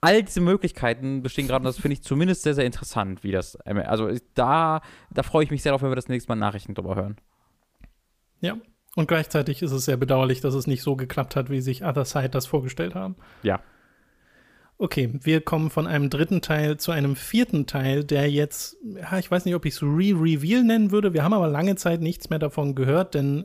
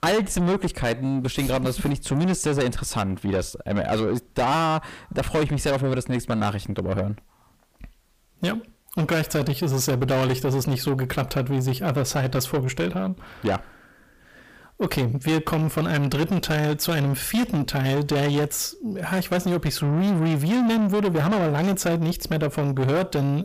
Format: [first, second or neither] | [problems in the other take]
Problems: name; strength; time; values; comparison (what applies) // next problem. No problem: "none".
first | distortion; heavy; 7 dB below the speech